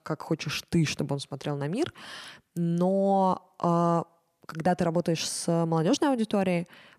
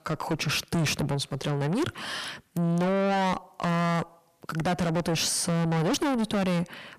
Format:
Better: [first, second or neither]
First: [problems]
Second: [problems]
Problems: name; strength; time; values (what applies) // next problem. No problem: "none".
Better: first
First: none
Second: distortion; heavy; 5 dB below the speech